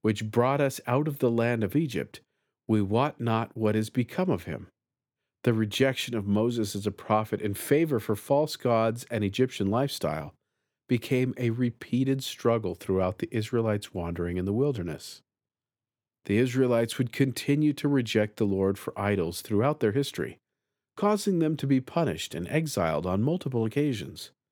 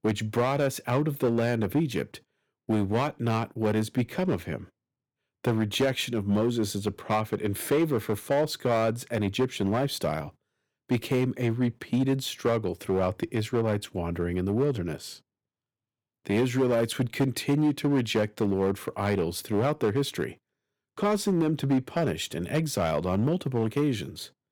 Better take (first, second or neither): first